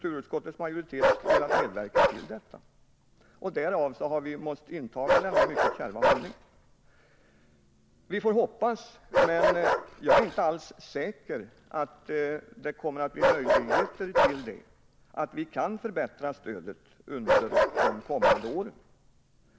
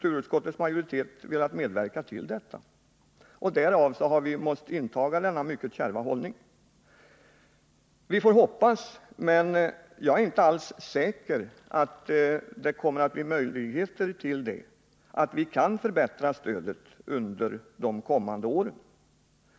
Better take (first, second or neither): second